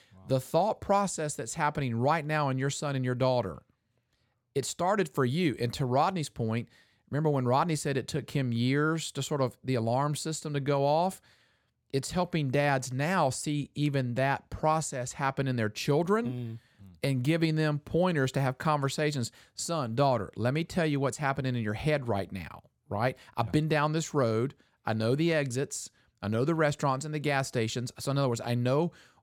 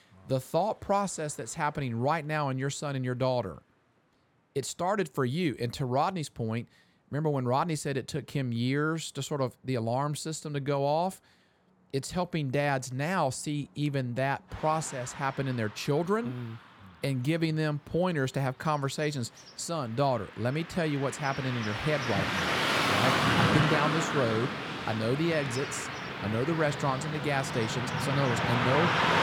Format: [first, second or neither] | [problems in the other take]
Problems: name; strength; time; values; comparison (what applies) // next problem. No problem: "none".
first | traffic noise; very loud; throughout; 1 dB above the speech